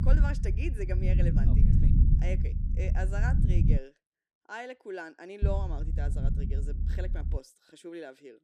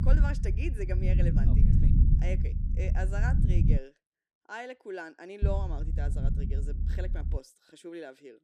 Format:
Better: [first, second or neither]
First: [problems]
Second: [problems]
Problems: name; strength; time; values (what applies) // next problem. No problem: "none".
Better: neither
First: low rumble; loud; until 4 s and from 5.5 to 7.5 s; 2 dB below the speech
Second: low rumble; loud; until 4 s and from 5.5 to 7.5 s; 2 dB below the speech